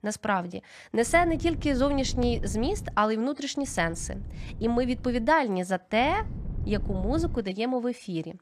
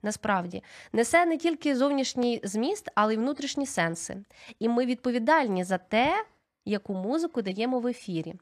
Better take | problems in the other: second | wind noise on the microphone; occasional gusts; from 1 to 3 s, from 3.5 to 5.5 s and from 6 to 7.5 s; 20 dB below the speech

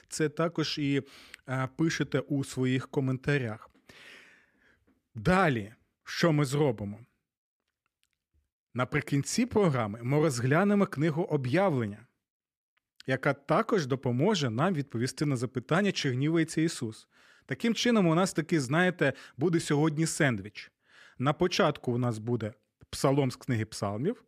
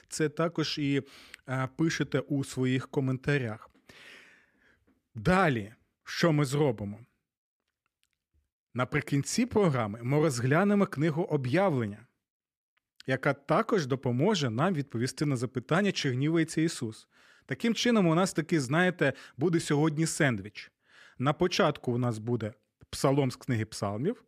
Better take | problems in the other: neither | none

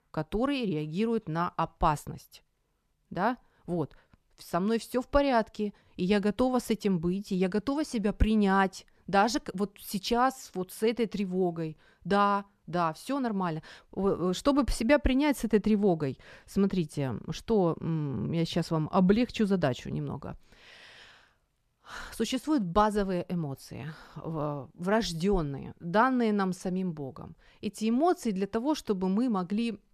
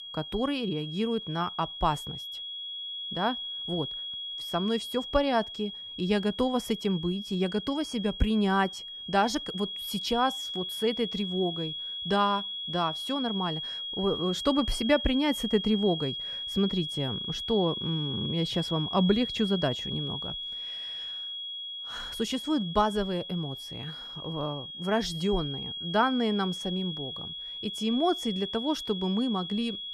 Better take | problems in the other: first | high-pitched whine; loud; throughout; 3.5 kHz, 5 dB below the speech

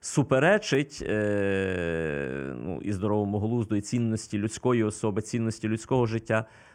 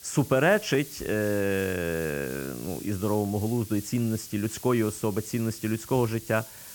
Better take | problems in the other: first | hiss; noticeable; throughout; 15 dB below the speech

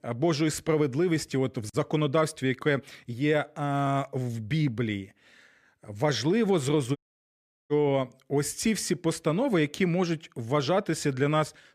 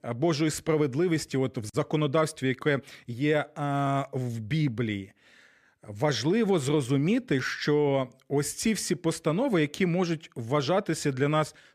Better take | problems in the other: second | audio cutting out; at 7 s for 0.5 s

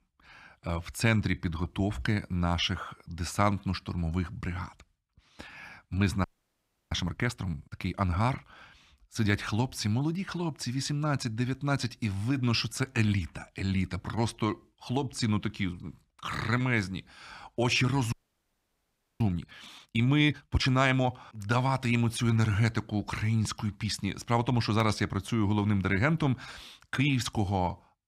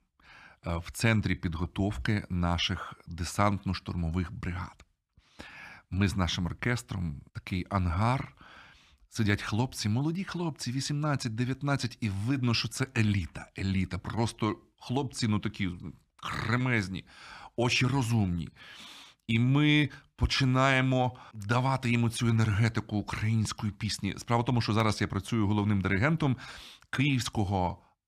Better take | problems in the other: second | audio freezing; at 6 s for 0.5 s and at 18 s for 1 s

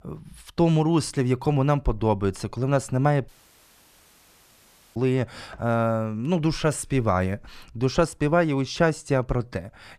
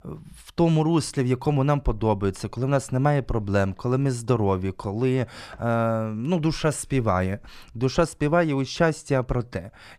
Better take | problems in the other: second | audio cutting out; at 3.5 s for 1.5 s

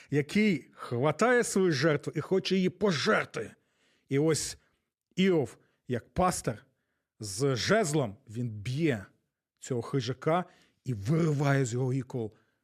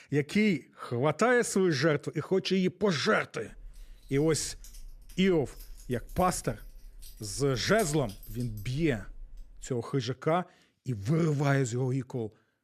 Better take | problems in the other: first | jangling keys; faint; from 3.5 to 9.5 s; peak 15 dB below the speech

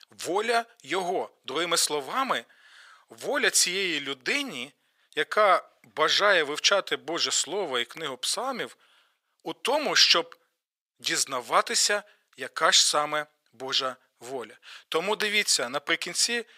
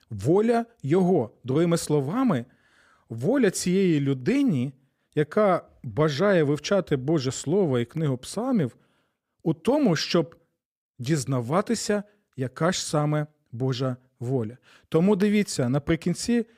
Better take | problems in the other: second | thin; very; fading below 950 Hz

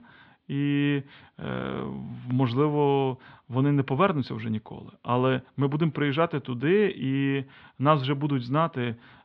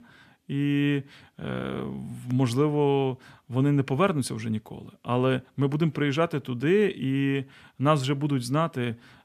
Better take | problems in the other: second | muffled; slightly; fading above 4 kHz

